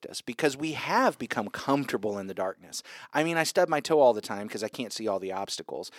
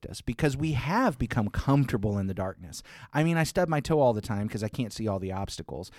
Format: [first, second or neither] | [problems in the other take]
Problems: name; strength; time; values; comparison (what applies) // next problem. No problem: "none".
second | thin; somewhat; fading below 400 Hz